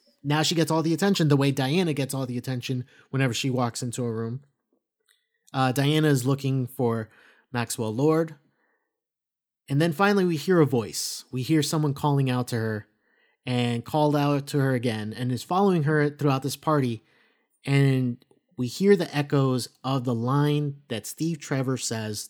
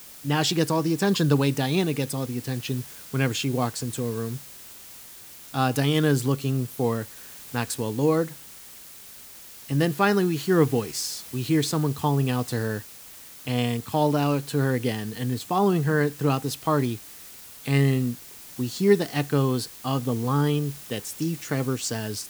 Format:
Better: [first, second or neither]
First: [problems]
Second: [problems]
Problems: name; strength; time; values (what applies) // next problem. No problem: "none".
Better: first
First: none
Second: hiss; noticeable; throughout; 15 dB below the speech